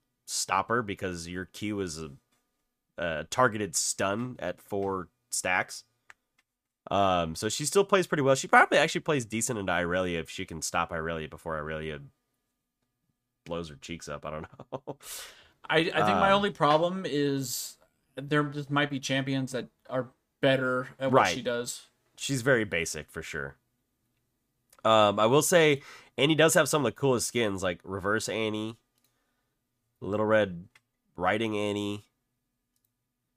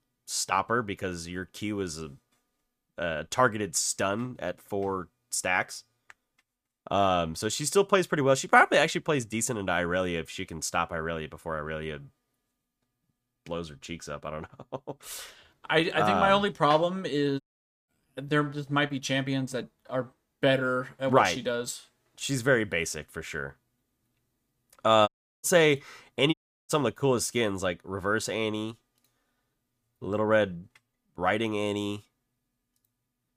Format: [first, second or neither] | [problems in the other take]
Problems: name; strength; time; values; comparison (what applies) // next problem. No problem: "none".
first | audio cutting out; at 17 s, at 25 s and at 26 s